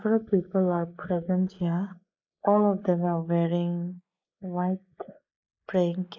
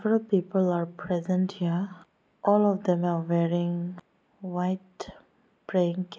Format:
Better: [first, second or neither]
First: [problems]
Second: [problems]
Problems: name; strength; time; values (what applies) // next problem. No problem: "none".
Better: second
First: noise reduction (neural mask model Resemble Enhance denoiser)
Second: none